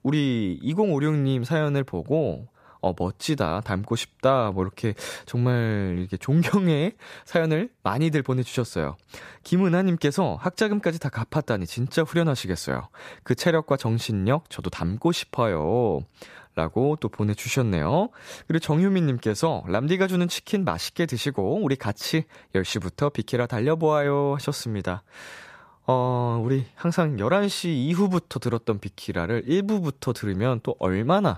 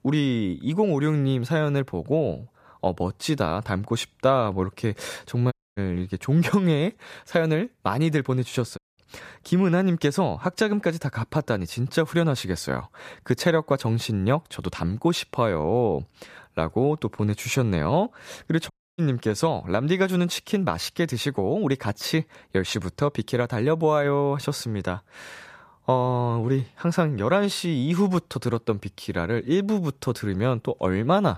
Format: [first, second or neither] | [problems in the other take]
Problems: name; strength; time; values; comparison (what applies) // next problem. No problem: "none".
first | audio cutting out; at 5.5 s, at 9 s and at 19 s